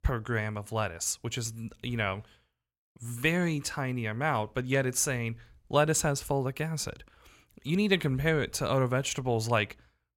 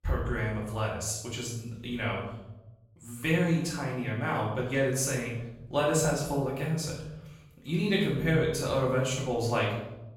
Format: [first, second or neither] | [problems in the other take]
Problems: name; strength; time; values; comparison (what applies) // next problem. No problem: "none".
first | off-mic speech; far // room echo; noticeable; dies away in 0.8 s